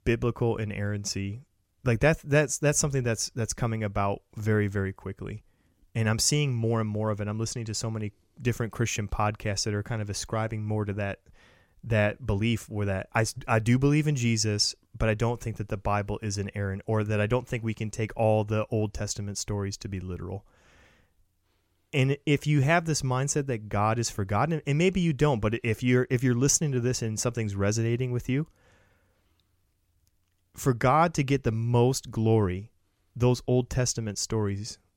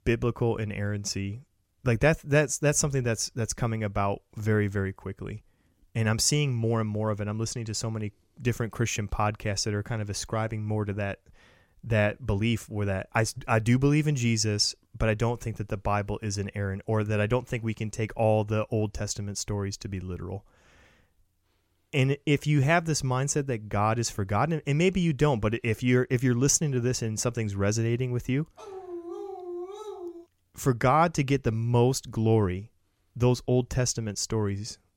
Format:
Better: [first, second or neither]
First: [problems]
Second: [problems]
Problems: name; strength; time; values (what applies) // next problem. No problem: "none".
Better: first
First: none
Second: dog barking; faint; from 29 to 30 s; peak 10 dB below the speech